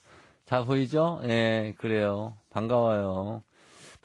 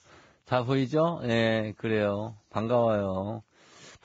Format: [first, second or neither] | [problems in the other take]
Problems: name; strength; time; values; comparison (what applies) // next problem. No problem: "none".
first | garbled, watery; badly; nothing above 7.5 kHz; slightly in the first